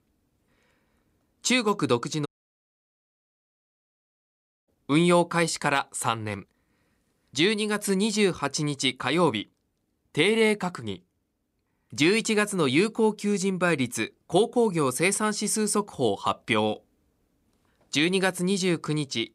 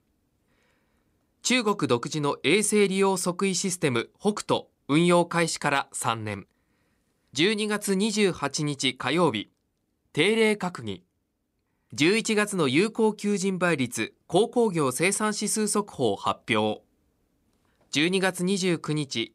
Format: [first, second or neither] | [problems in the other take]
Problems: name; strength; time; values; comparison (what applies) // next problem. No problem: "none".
second | audio cutting out; at 2.5 s for 2.5 s